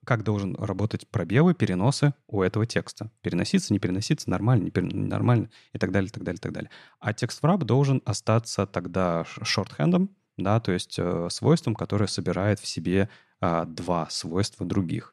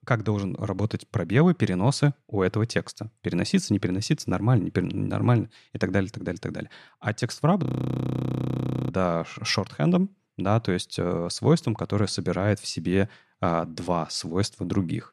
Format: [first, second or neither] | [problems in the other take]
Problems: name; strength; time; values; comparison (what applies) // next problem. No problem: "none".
first | audio freezing; at 7.5 s for 1.5 s